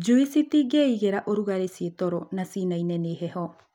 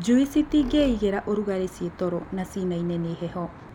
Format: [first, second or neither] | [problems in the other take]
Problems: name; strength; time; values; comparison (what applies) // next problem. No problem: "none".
first | background sound (Traffic noise, roadway noise + Squeak); 15 dB below the speech